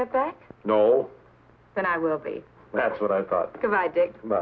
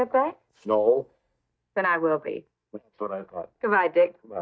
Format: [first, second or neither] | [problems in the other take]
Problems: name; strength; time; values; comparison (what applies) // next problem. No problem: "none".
first | noise reduction (neural mask model DeepFilterNet 3)